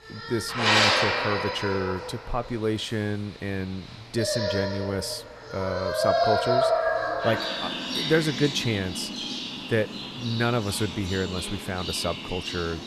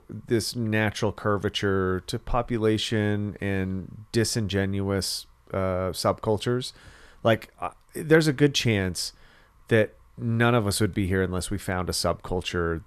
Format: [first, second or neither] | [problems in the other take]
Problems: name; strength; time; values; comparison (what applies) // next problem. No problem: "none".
second | animal sounds; very loud; throughout; 2 dB above the speech